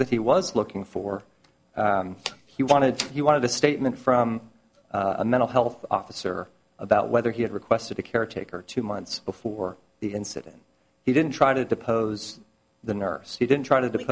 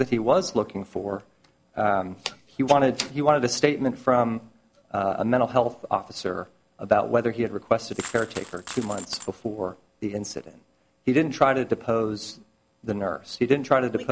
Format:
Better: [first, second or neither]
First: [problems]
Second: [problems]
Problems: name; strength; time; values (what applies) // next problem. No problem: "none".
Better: first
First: none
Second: background sound (Coin (dropping)); 16 dB below the speech